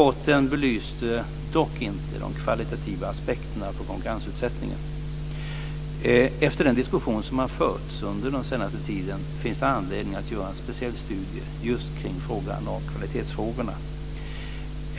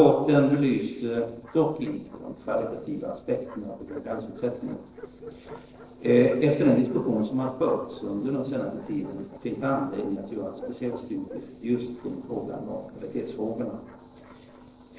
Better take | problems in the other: first | noise reduction (neural separator model SepFormer DNS4)

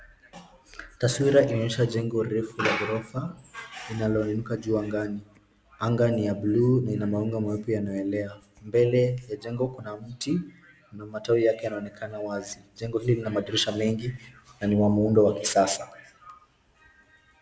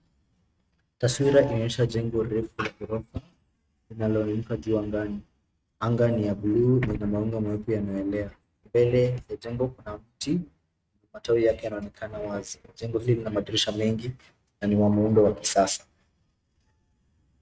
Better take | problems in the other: first | noise reduction (neural mask model RNNoise)

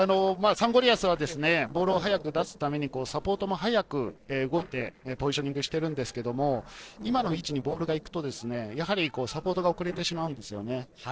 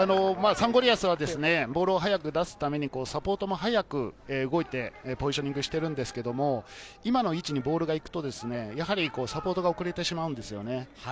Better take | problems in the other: second | noise reduction (neural separator model SepFormer DNS4)

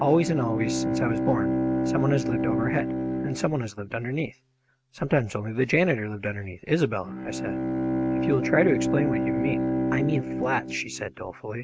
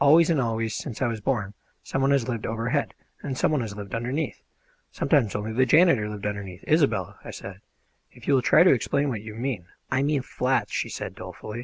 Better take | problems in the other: second | noise reduction (neural mask model RNNoise)

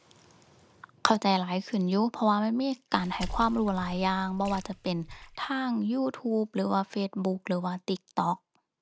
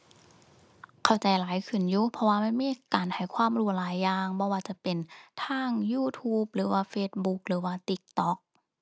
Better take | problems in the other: second | background sound (Water / Splash, splatter); 13 dB below the speech

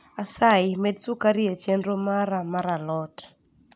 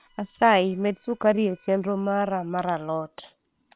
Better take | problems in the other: first | noise reduction (neural separator model SepFormer WHAM!)

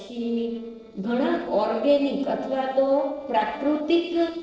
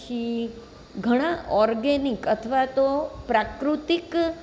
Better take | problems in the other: second | noise reduction (neural separator model SepFormer DNS4)

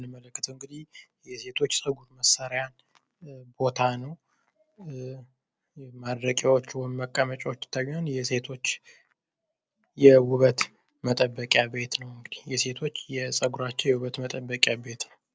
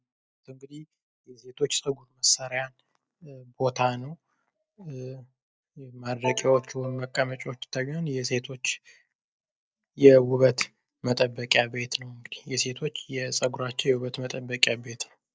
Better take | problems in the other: first | noise reduction (neural mask model DeepFilterNet 3)

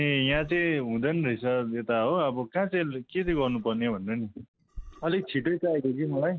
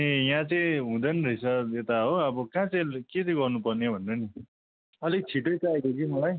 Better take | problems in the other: second | background sound (Burping, eructation); 18 dB below the speech

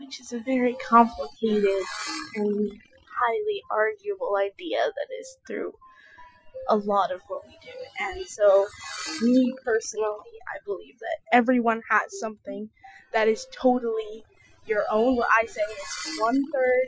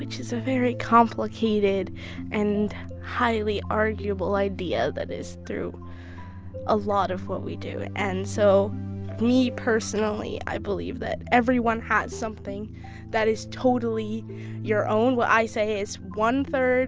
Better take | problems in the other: second | noise reduction (classical method Wiener filter)

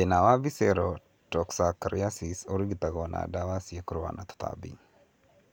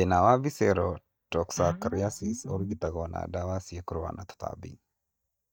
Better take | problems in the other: first | noise reduction (neural mask model DeepFilterNet 3)

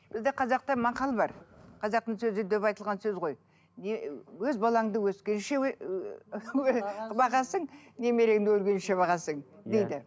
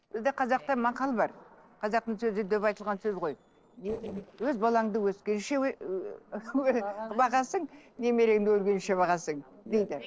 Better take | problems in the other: first | noise reduction (neural separator model SepFormer DNS4)

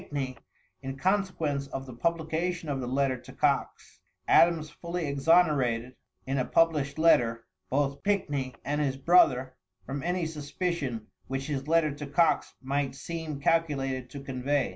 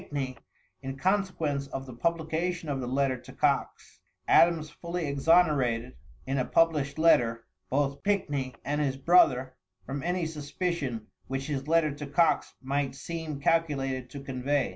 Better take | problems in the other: first | background sound (Boom); 19 dB below the speech

